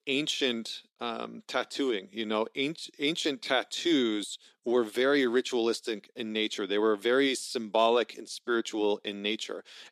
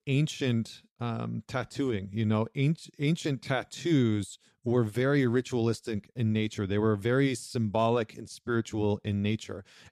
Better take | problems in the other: second | thin; somewhat; fading below 300 Hz

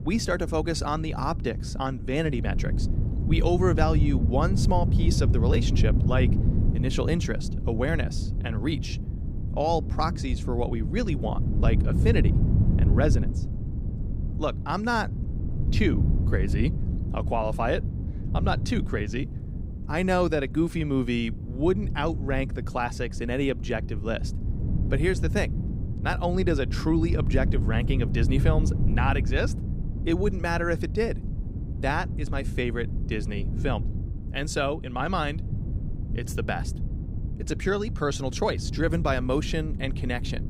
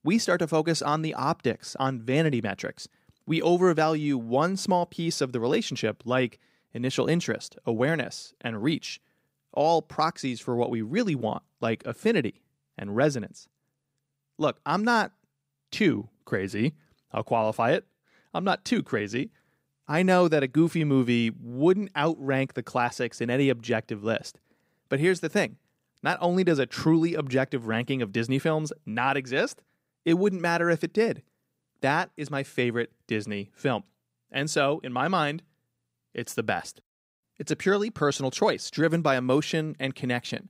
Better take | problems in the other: second | low rumble; noticeable; throughout; 10 dB below the speech

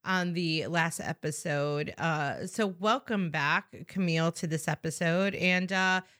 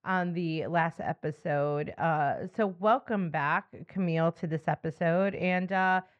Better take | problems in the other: first | muffled; very; fading above 2 kHz

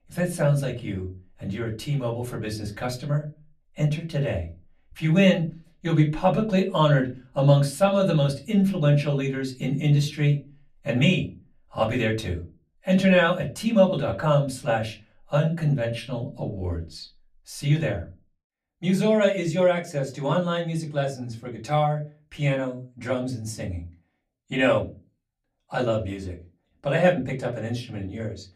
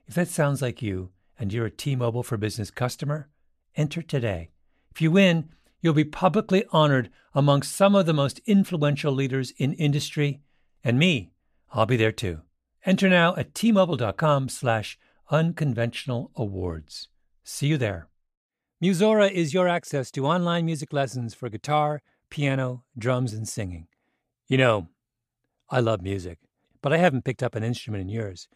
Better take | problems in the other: second | off-mic speech; far // room echo; very slight; dies away in 0.3 s

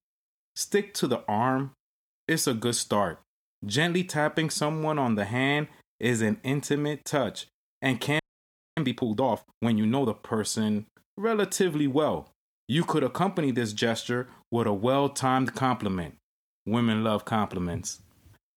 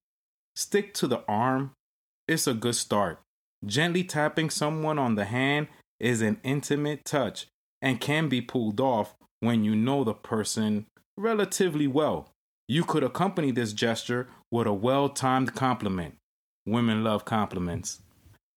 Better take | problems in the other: second | audio freezing; at 8 s for 0.5 s

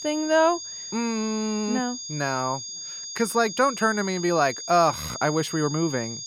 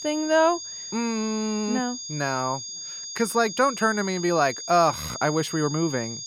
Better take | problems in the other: neither | high-pitched whine; loud; throughout; 6.5 kHz, 8 dB below the speech; the same in both

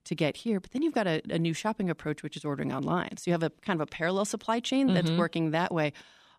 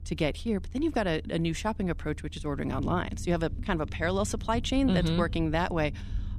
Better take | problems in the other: first | low rumble; faint; throughout; 20 dB below the speech

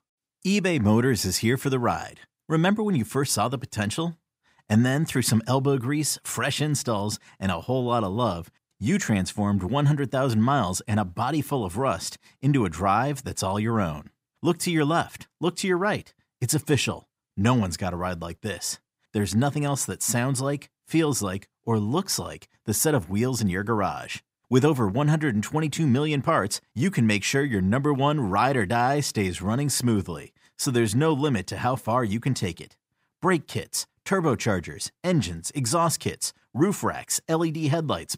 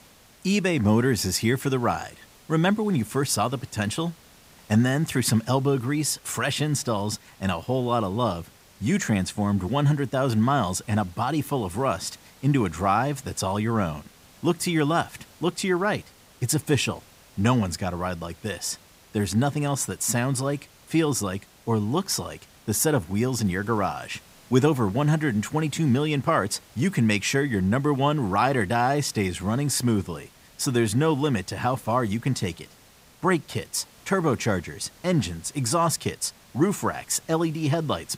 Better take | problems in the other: first | hiss; faint; throughout; 25 dB below the speech

